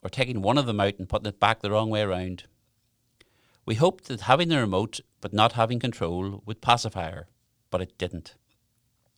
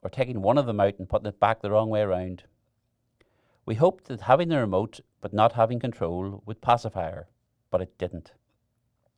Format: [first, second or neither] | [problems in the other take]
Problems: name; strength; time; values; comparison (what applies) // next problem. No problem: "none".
first | muffled; slightly; fading above 2.5 kHz